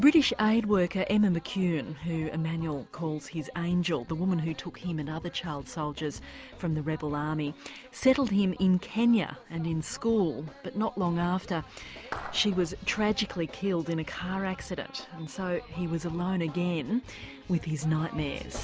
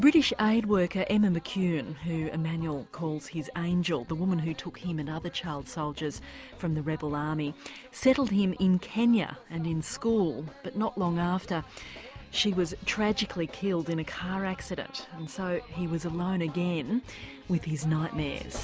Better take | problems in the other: second | background sound (Clapping); 13 dB below the speech

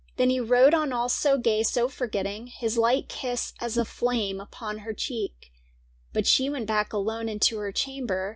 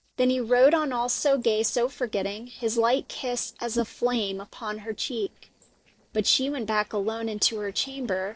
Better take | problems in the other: first | noise reduction (neural separator model SepFormer DNS4)

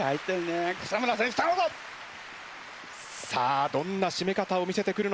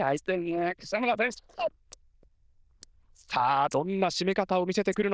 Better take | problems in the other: first | noise reduction (neural diffusion model UNIVERSE++)

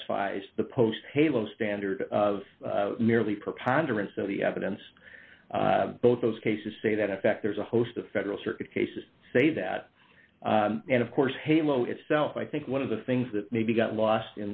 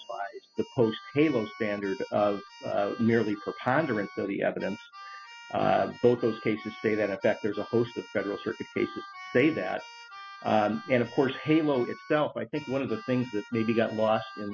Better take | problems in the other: first | noise reduction (classical method spectral subtraction)

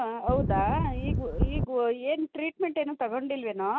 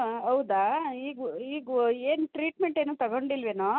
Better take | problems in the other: second | background sound (Wind); 2 dB above the speech

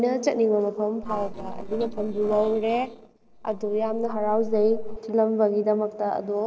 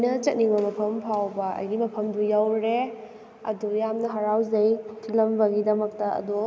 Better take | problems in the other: second | noise reduction (neural separator model SepFormer DNS4)

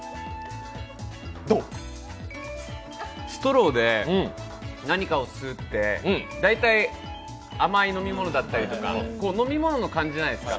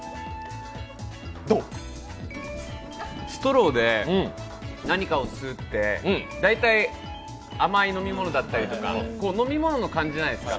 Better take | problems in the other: first | background sound (Rain); 19 dB below the speech

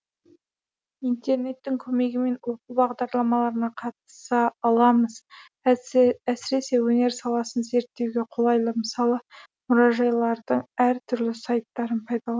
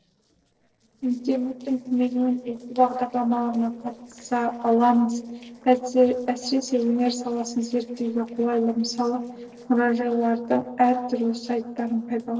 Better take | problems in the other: first | noise reduction (neural separator model SepFormer DNS4)

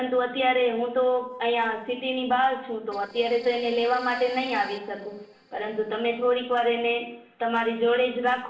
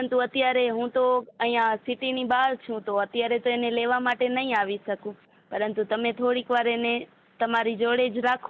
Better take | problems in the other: second | noise reduction (neural separator model SepFormer DNS4)

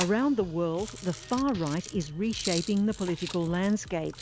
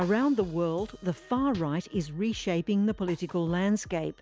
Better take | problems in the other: second | background sound (Rattle); 13 dB below the speech

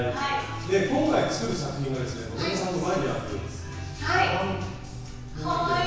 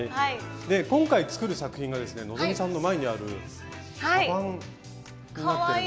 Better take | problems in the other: second | background sound (Gull, seagull / Fowl); 16 dB below the speech // room echo; dies away in 1.1 s

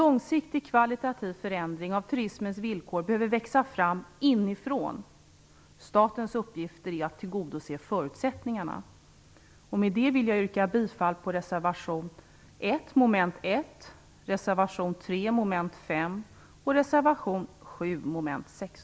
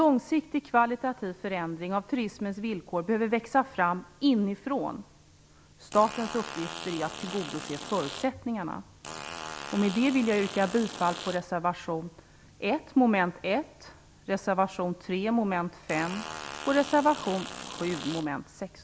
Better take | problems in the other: first | background sound (Fart); 11 dB below the speech

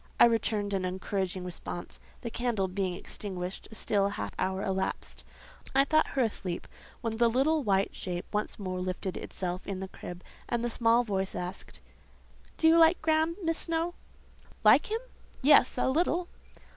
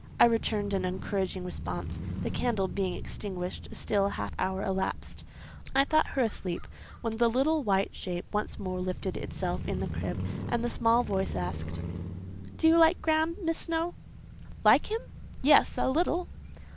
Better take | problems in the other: first | background sound (Motorcycle / Crow); 9 dB below the speech

